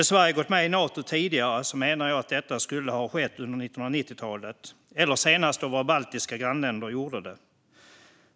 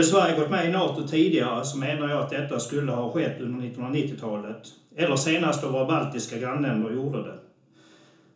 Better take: first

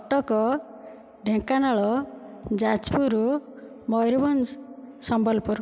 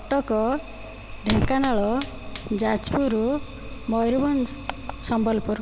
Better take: first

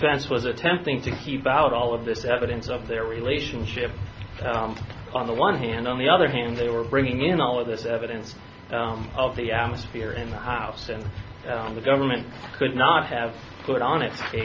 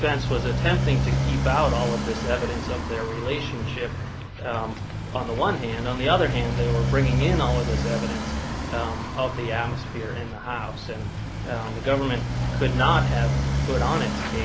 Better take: first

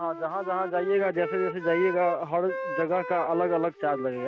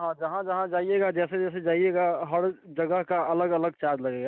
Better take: second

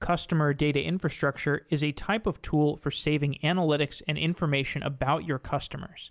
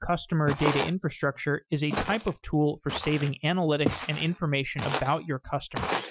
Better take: first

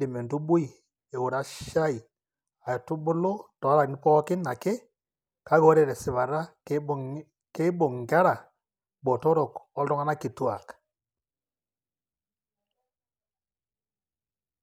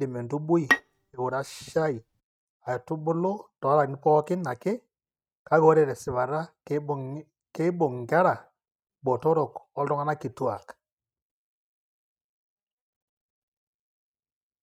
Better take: first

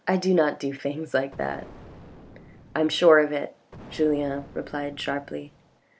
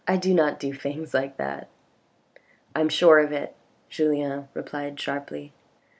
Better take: second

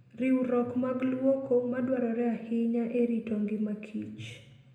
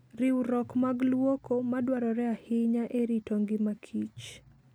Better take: second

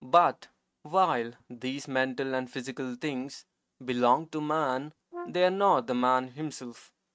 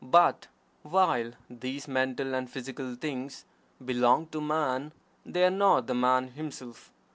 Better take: second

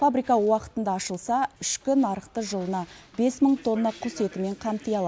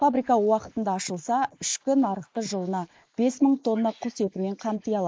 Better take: first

